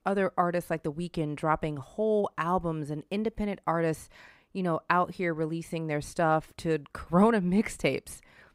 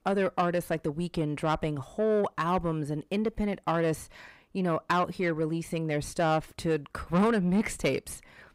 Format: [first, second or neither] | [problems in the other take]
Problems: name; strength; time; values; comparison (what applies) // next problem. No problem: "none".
first | distortion; slight; 10 dB below the speech